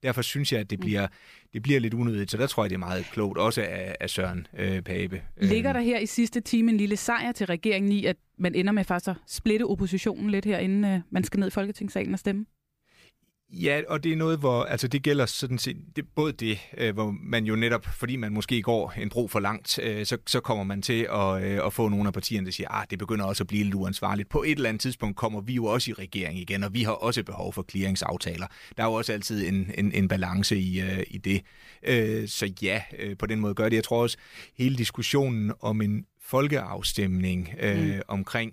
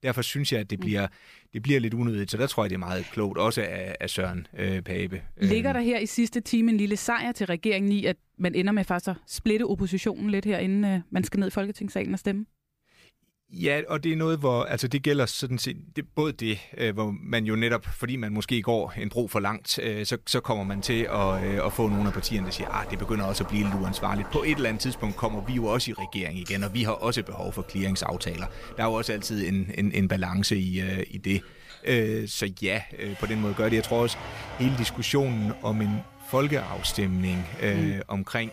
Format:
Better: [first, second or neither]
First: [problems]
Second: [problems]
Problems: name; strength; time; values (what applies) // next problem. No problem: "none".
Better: first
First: none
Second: household noises; noticeable; from 21 s on; 15 dB below the speech